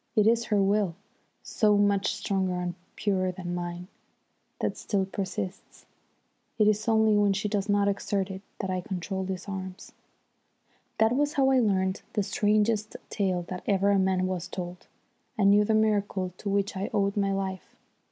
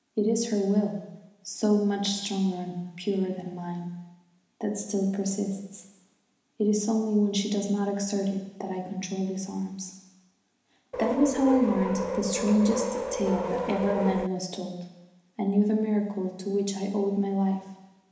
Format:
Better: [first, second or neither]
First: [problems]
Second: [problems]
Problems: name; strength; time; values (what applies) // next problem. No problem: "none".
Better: first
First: none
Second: background sound (Subway, metro, underground); 3 dB below the speech // room echo; dies away in 1 s